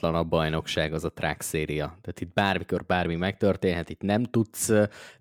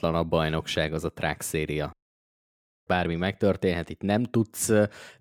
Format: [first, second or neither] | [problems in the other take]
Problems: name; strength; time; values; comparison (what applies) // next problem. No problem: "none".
first | audio cutting out; at 2 s for 1 s